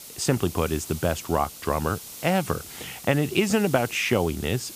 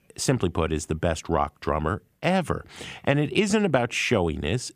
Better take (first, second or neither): second